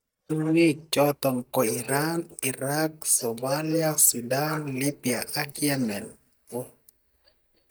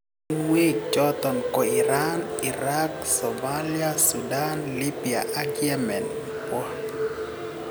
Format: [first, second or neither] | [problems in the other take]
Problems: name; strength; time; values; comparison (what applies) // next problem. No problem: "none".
second | noise reduction (neural mask model DeepFilterNet 3)